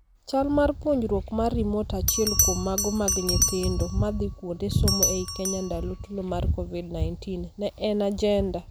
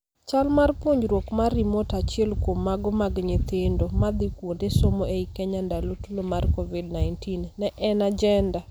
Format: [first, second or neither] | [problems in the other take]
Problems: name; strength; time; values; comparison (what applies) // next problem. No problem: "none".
second | background sound (Bell); 6 dB below the speech